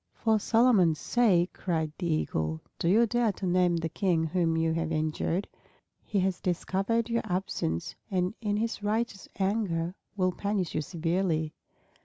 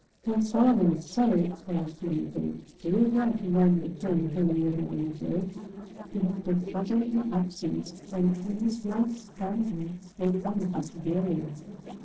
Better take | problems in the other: first | noise reduction (neural separator model SepFormer DNS4)

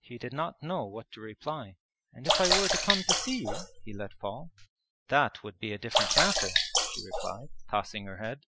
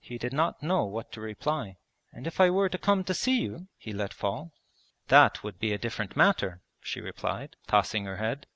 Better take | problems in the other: second | noise reduction (classical method Wiener filter)

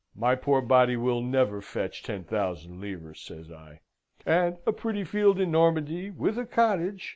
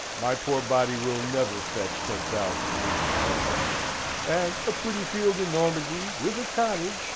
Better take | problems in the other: first | background sound (Car passing by / Truck + Stream); 1 dB below the speech

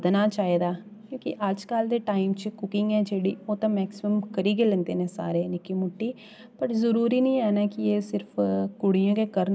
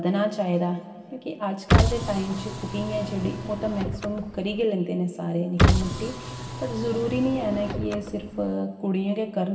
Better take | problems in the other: first | background sound (Car); 1 dB above the speech // room echo; dies away in 2 s

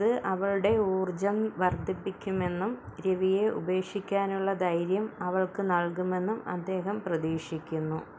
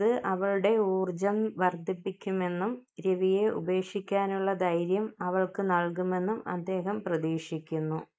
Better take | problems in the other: first | noise reduction (neural mask model Resemble Enhance denoiser)

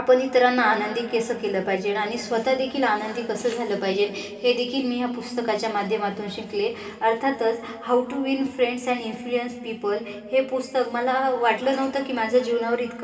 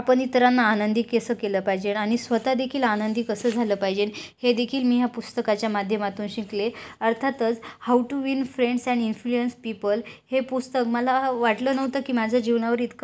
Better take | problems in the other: second | room echo; dies away in 2.5 s

